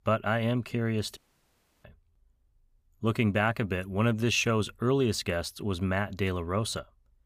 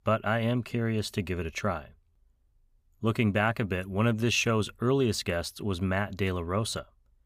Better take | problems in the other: second | audio cutting out; at 1 s for 0.5 s

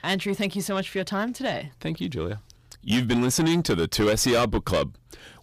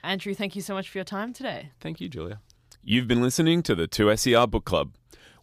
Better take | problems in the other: second | distortion; heavy; 7 dB below the speech

